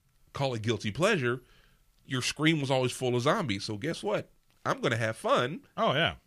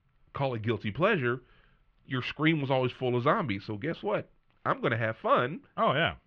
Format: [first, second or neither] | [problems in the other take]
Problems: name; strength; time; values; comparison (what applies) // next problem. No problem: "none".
first | muffled; very; fading above 3 kHz